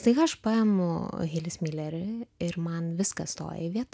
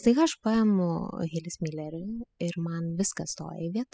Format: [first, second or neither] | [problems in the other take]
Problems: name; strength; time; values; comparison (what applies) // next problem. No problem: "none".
first | noise reduction (classical method spectral subtraction)